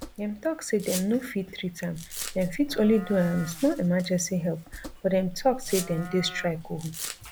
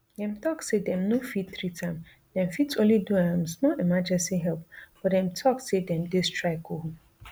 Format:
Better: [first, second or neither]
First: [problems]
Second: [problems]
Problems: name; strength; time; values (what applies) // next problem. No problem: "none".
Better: second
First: background sound (Livestock, farm animals, working animals + Domestic sounds, home sounds); 13 dB below the speech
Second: none